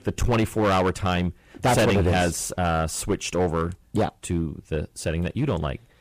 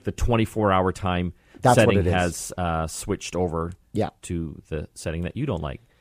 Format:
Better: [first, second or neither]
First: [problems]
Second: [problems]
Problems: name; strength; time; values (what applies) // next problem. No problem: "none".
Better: second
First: distortion; heavy; 9% of the sound clipped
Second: none